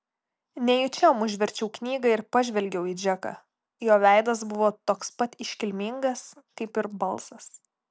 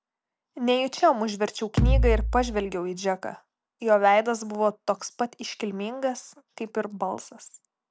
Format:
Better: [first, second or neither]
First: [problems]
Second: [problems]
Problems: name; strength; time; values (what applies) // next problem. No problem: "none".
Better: first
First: none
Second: background sound (Bass drum); 3 dB above the speech